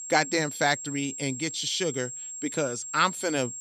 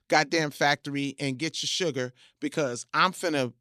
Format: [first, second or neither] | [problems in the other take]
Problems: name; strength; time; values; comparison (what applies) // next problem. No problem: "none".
second | high-pitched whine; loud; throughout; 7.5 kHz, 7 dB below the speech